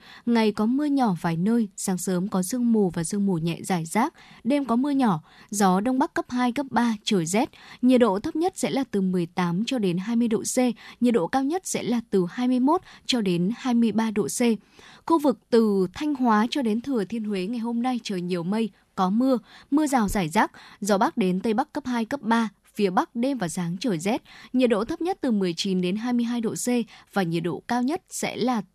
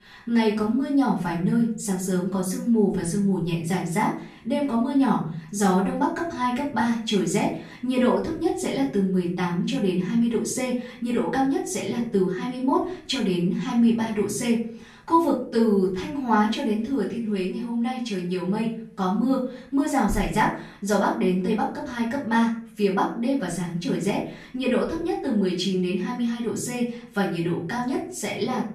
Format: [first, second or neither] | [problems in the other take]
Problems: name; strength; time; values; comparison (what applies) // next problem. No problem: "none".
first | off-mic speech; far // room echo; noticeable; dies away in 0.5 s